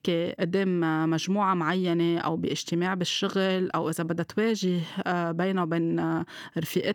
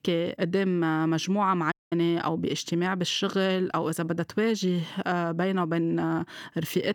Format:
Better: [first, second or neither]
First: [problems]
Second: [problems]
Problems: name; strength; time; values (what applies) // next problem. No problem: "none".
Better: first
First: none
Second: audio cutting out; at 1.5 s